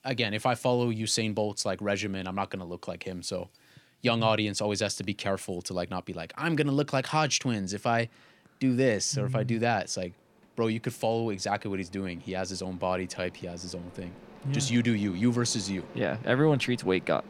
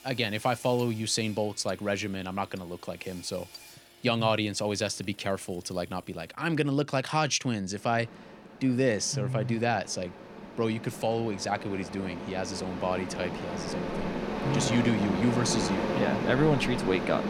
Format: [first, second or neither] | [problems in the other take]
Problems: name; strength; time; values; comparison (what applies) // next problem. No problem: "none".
first | machinery noise; loud; throughout; 4 dB below the speech; faint in the first